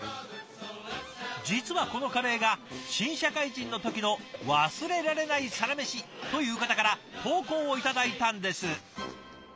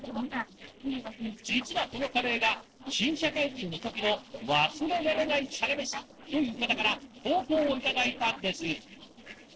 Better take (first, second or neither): first